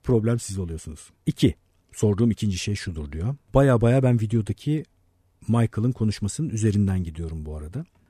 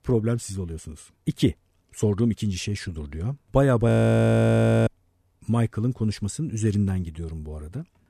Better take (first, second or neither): first